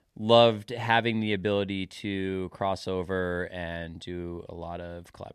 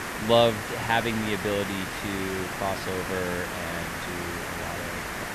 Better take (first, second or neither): first